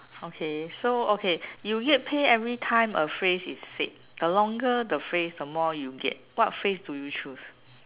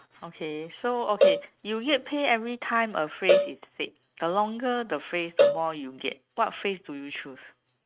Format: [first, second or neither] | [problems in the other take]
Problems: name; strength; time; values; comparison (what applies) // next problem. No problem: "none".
first | noise reduction (neural mask model RNNoise)